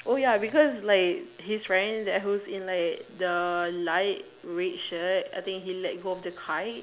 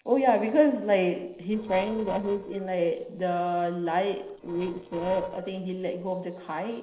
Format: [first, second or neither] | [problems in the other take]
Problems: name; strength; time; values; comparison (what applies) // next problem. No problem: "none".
first | noise reduction (neural separator model SepFormer DNS4)